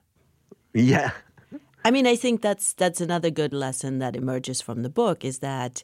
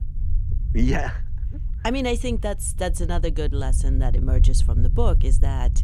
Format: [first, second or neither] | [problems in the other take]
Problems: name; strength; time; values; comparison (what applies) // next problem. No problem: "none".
first | low rumble; noticeable; throughout; 15 dB below the speech